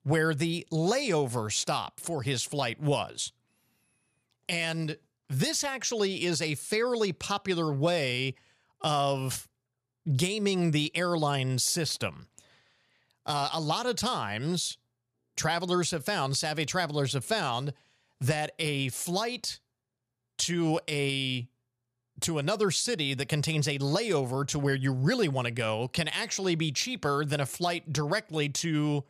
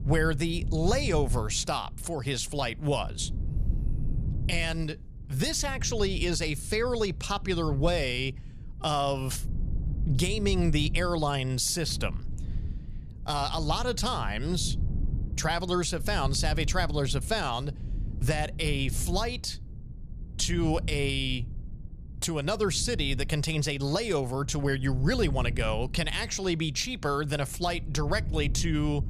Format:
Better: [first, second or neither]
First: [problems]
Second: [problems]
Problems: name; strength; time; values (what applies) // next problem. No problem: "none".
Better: first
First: none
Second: low rumble; noticeable; throughout; 20 dB below the speech